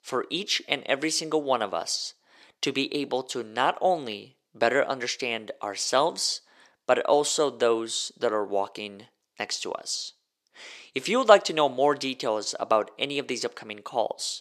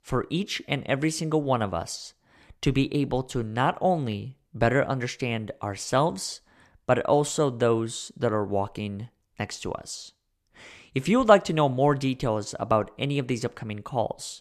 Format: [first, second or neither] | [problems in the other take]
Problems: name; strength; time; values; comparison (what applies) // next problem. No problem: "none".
second | thin; somewhat; fading below 400 Hz